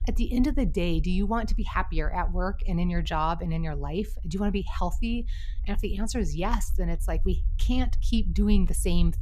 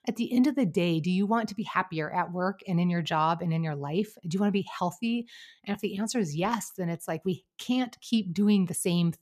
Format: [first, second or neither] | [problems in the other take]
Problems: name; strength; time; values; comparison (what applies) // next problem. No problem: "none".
second | low rumble; faint; throughout; 25 dB below the speech